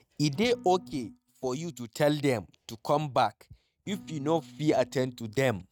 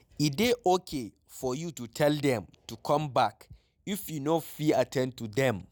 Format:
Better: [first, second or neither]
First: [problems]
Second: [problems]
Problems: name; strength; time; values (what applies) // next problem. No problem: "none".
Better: second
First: noise reduction (neural mask model RNNoise)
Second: none